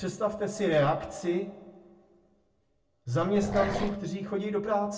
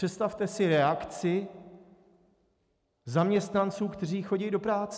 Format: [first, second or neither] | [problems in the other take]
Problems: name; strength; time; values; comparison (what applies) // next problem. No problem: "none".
second | background sound (Growling); 5 dB below the speech // room echo; dies away in 0.3 s